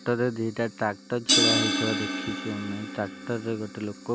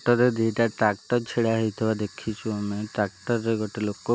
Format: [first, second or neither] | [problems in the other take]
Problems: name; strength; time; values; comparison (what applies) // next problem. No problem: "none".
second | background sound (Crash cymbal); as loud as the speech